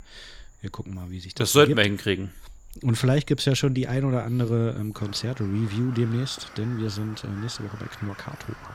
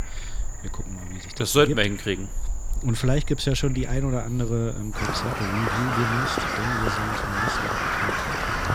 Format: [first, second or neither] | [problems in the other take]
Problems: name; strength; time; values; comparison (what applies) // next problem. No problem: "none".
first | animal sounds; loud; throughout; 2 dB below the speech; faint in the first